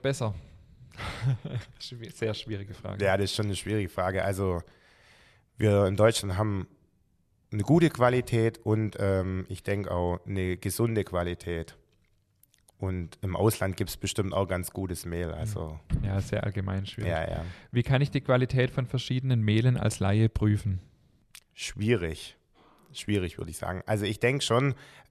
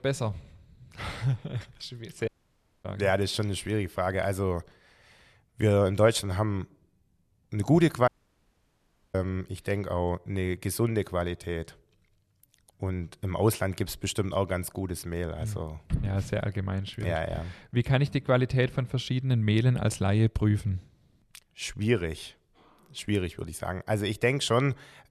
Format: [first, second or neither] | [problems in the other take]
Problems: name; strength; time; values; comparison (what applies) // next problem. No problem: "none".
first | audio cutting out; at 2.5 s for 0.5 s and at 8 s for 1 s